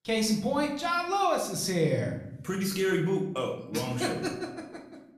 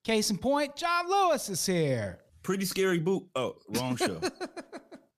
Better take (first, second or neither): second